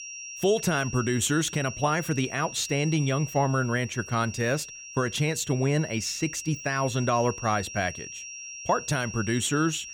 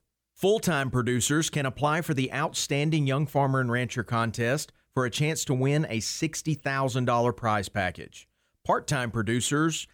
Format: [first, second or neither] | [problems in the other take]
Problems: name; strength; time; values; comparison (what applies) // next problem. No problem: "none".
second | high-pitched whine; noticeable; throughout; 5.5 kHz, 10 dB below the speech